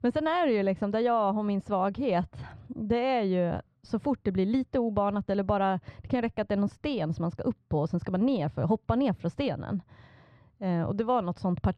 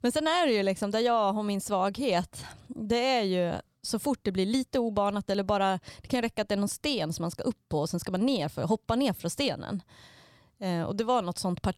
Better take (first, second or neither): second